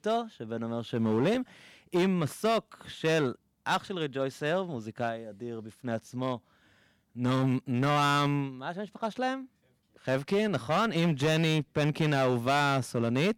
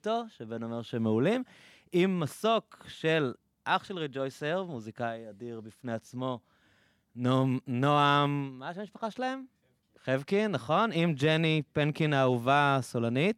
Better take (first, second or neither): second